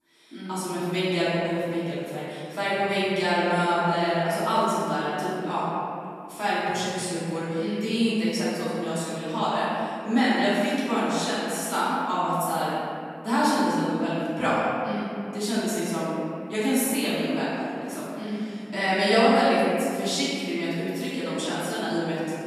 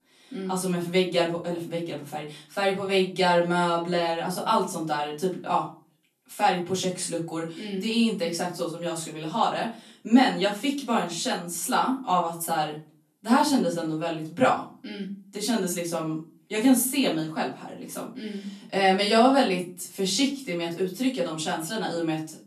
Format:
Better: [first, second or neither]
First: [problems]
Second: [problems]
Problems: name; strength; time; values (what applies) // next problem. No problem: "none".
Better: second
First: room echo; strong; dies away in 2.6 s // off-mic speech; far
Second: room echo; slight; dies away in 0.3 s // off-mic speech; far